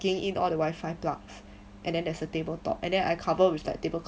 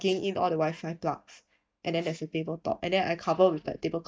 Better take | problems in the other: first | noise reduction (neural mask model DeepFilterNet 3)

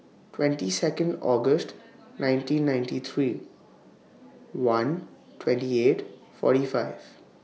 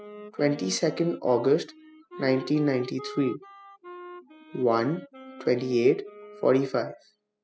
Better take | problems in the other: first | noise reduction (classical method spectral subtraction)

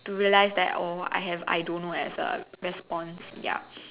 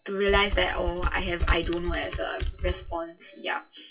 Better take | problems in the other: first | noise reduction (classical method WPE with log-MMSE)

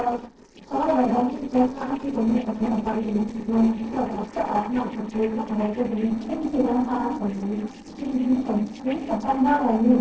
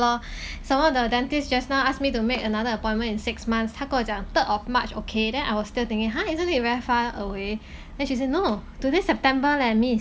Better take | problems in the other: second | noise reduction (neural separator model SepFormer DNS4)

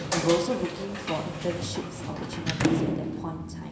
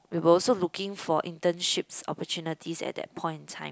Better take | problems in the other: second | background sound (Sliding door / Slam); 1 dB above the speech // room echo; dies away in 0.7 s

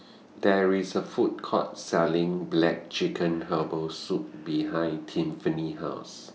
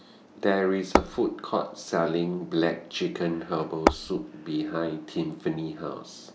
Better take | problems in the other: first | background sound (Tap / Hammer); 4 dB above the speech

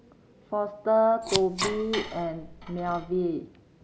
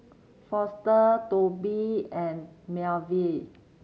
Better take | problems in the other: second | background sound (Dishes, pots, and pans + Scissors); 8 dB below the speech

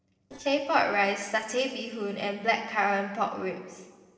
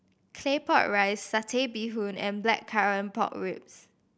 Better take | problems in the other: second | noise reduction (neural separator model SepFormer DNS4)

